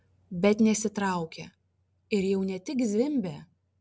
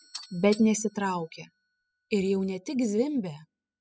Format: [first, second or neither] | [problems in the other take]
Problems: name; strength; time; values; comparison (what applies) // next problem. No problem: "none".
first | noise reduction (classical method spectral subtraction)